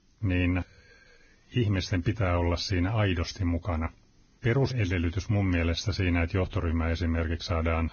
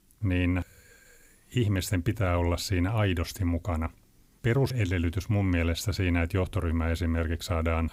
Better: second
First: garbled, watery; badly; nothing above 6.5 kHz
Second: none

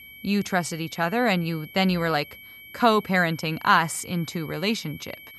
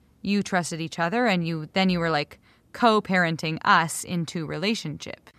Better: second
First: high-pitched whine; noticeable; throughout; 2.5 kHz, 20 dB below the speech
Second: none

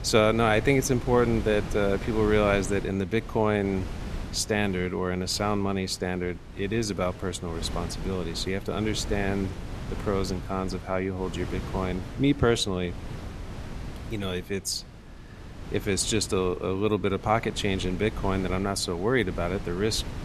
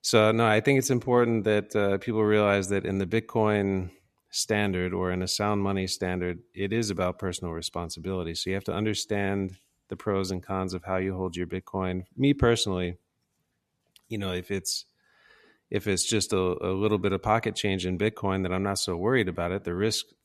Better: second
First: wind noise on the microphone; occasional gusts; 15 dB below the speech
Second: none

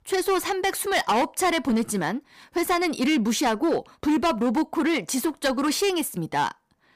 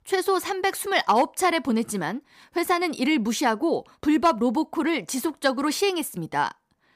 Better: second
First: distortion; slight; 11% of the sound clipped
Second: none

